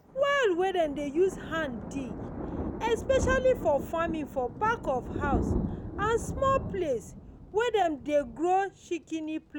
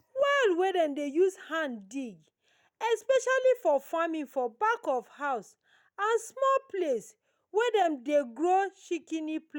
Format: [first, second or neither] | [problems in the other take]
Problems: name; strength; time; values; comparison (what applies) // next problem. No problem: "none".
second | background sound (Thunder); 7 dB below the speech